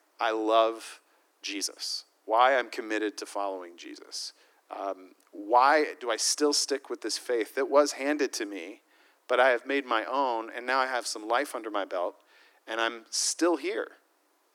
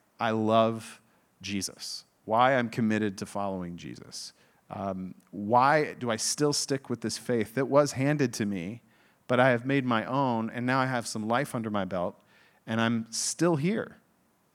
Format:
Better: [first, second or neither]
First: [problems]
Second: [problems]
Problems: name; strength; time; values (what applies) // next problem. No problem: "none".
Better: second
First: thin; somewhat; fading below 300 Hz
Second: none